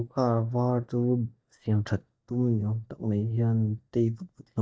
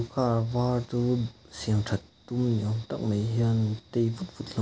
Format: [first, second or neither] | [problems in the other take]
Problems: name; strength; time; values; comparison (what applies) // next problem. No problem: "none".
second | noise reduction (neural mask model DeepFilterNet 3)